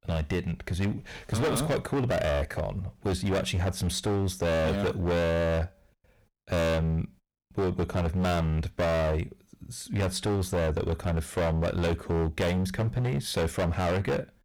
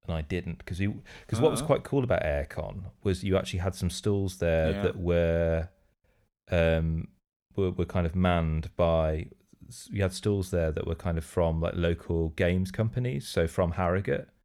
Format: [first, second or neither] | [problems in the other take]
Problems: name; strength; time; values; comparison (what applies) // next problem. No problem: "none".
second | distortion; heavy; 25% of the sound clipped